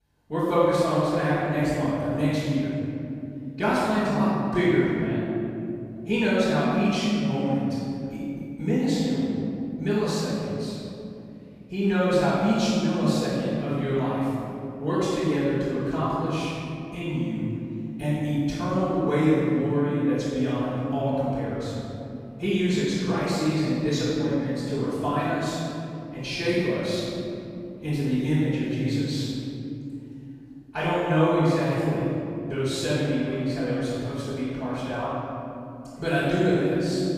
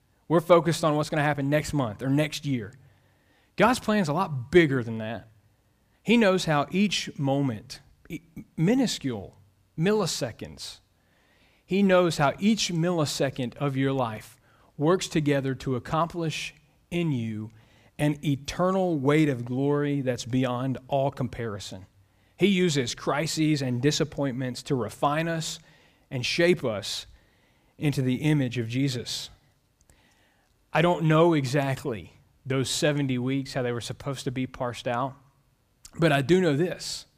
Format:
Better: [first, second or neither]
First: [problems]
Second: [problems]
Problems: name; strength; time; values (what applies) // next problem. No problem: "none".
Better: second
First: off-mic speech; far // room echo; strong; dies away in 3 s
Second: none